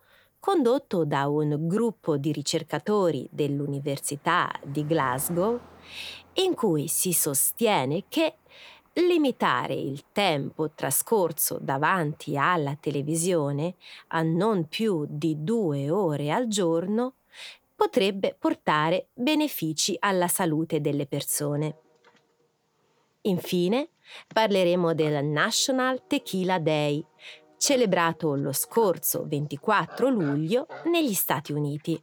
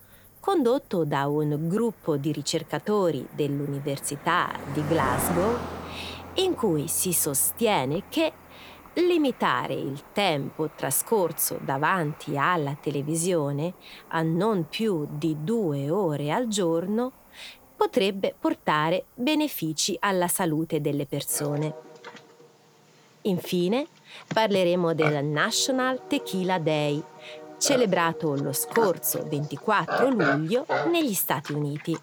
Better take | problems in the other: first | animal sounds; loud; throughout; 10 dB below the speech; faint in the first

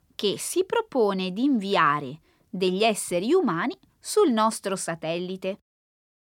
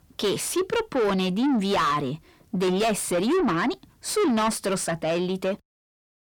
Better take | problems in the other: first | distortion; heavy; 7 dB below the speech

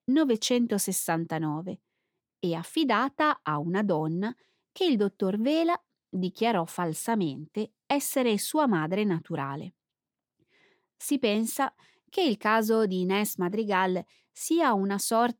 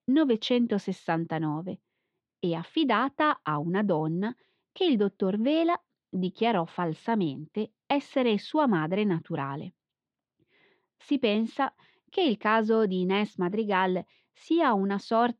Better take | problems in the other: first | muffled; slightly; fading above 3.5 kHz

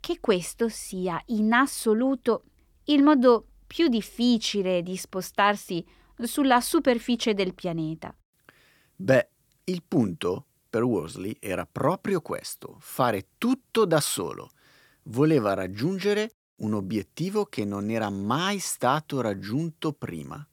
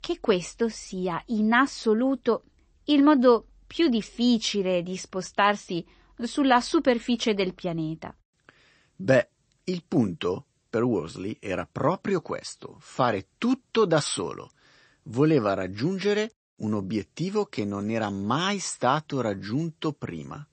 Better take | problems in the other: first | garbled, watery; slightly; nothing above 8 kHz

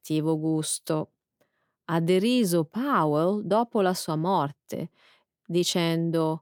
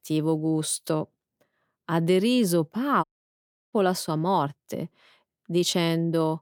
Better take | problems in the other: first | audio cutting out; at 3 s for 0.5 s

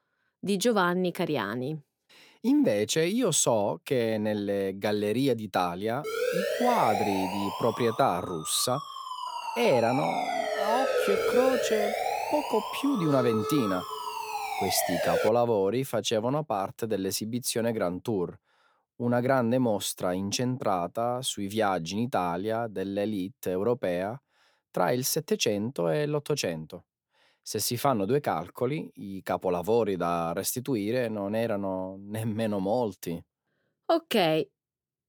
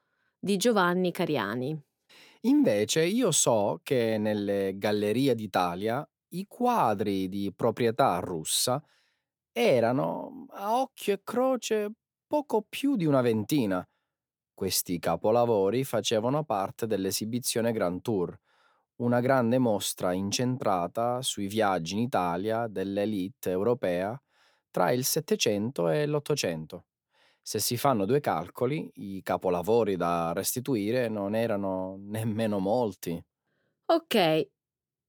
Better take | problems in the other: second | siren; loud; from 6 to 15 s; peak 2 dB above the speech

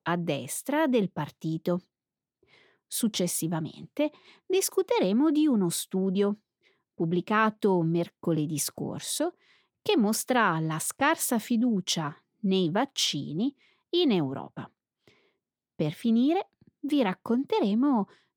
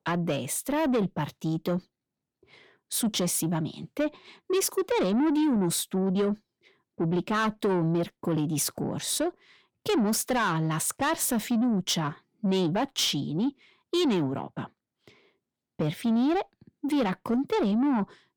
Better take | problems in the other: first | distortion; slight; 10 dB below the speech

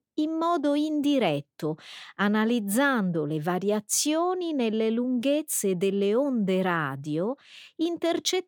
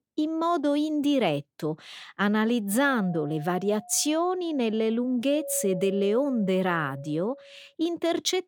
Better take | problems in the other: first | doorbell; noticeable; from 3 to 7.5 s; peak 9 dB below the speech

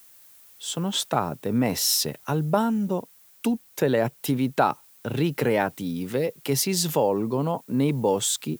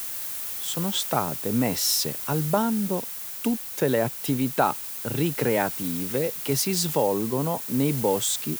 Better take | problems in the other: first | hiss; loud; throughout; 5 dB below the speech; faint in the first

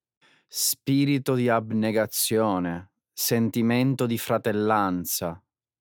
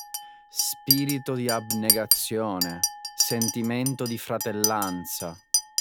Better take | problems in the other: first | household noises; very loud; throughout; 4 dB above the speech

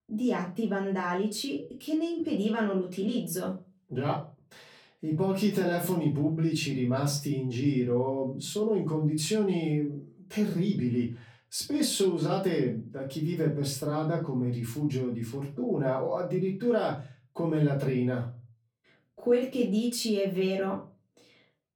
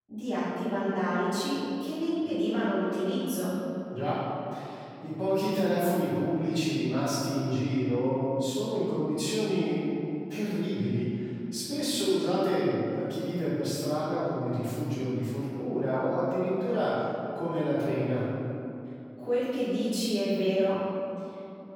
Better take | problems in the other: first | room echo; strong; dies away in 2.6 s; slight in the first // off-mic speech; far; far in the first

